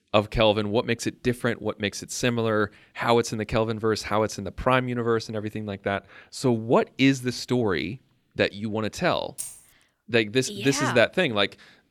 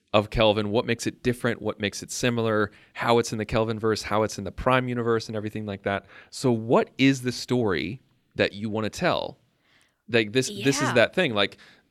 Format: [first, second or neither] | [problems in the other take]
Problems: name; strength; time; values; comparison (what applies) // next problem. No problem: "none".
second | jangling keys; faint; at 9.5 s; peak 10 dB below the speech